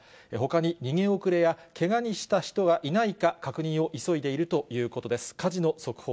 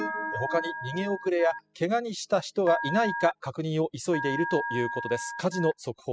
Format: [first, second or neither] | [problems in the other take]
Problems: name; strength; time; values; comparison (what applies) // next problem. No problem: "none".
first | noise reduction (classical method spectral subtraction)